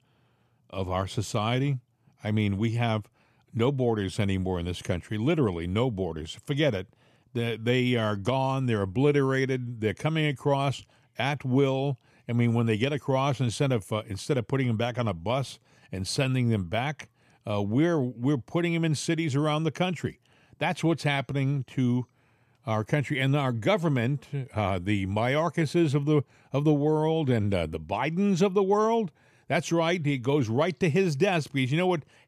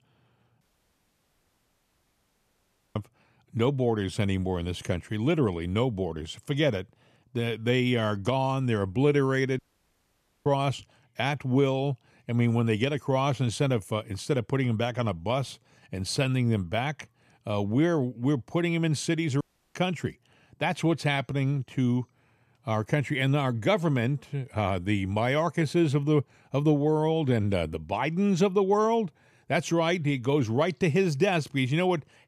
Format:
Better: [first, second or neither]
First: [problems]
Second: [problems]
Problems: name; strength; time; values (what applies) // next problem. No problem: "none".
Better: first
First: none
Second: audio cutting out; at 0.5 s for 2.5 s, at 9.5 s for 1 s and at 19 s